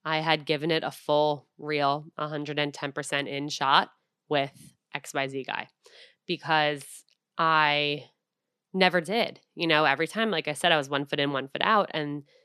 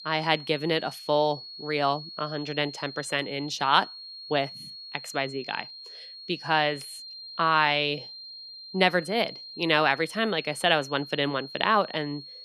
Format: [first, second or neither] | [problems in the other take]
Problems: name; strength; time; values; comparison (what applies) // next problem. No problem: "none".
first | high-pitched whine; noticeable; throughout; 4 kHz, 15 dB below the speech